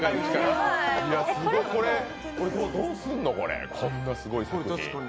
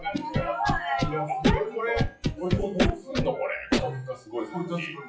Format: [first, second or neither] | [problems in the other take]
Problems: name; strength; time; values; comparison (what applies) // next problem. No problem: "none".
first | noise reduction (classical method WPE with log-MMSE)